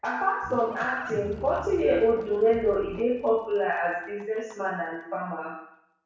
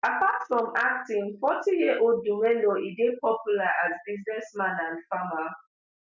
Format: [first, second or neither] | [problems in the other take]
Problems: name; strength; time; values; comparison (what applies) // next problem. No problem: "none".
second | background sound (Livestock, farm animals, working animals); 18 dB below the speech // room echo; dies away in 0.6 s